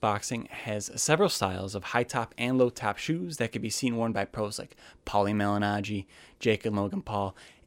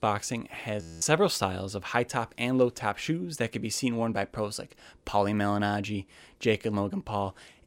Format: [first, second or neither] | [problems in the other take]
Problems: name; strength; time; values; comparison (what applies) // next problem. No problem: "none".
first | audio freezing; at 1 s